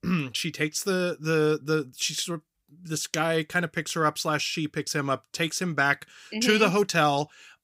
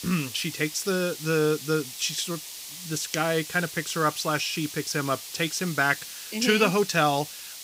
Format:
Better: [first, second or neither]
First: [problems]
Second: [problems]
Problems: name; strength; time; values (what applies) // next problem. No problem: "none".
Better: first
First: none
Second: hiss; noticeable; throughout; 10 dB below the speech